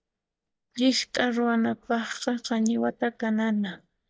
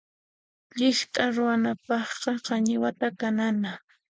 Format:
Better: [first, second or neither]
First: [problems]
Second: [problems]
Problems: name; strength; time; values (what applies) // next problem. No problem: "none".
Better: second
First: noise reduction (neural mask model DeepFilterNet 3)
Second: none